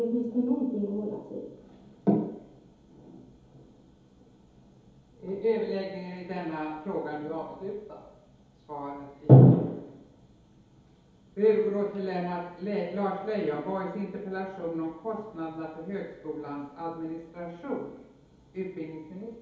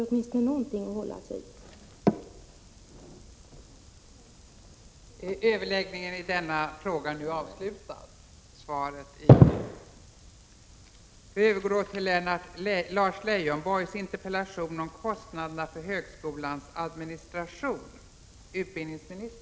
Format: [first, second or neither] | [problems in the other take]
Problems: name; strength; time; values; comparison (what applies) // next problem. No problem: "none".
second | room echo; dies away in 2.2 s